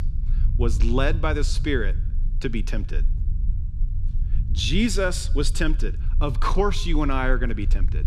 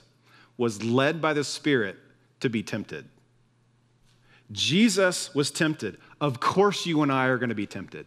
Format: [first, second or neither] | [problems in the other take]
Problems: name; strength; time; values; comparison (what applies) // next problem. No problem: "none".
second | low rumble; noticeable; throughout; 20 dB below the speech